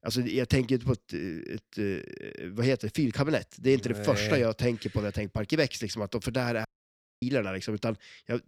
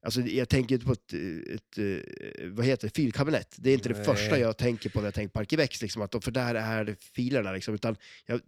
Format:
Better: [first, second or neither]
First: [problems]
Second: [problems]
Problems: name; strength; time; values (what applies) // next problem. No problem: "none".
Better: second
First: audio cutting out; at 6.5 s for 0.5 s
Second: none